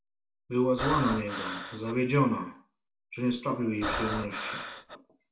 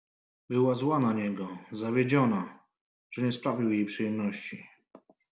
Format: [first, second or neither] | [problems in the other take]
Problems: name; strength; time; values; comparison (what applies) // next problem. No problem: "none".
second | background sound (Breathing); 4 dB below the speech // room echo; dies away in 0.2 s